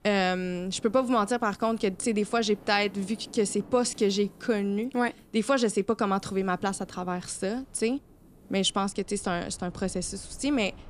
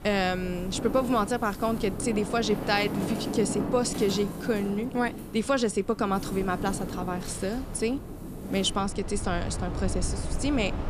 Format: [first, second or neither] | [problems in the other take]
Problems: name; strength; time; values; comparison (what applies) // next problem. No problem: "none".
first | wind in the background; loud; throughout; 7 dB below the speech; faint in the first